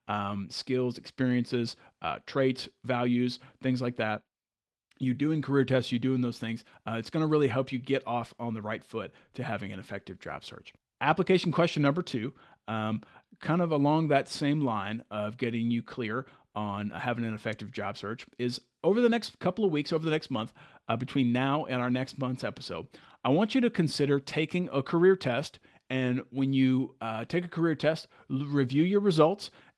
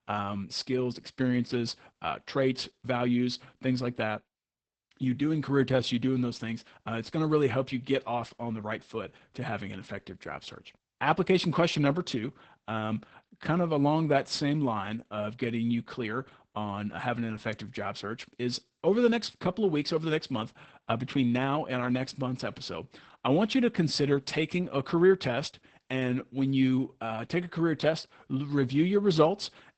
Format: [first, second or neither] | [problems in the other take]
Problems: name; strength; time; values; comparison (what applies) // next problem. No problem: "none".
first | garbled, watery; badly; nothing above 8 kHz; slightly in the first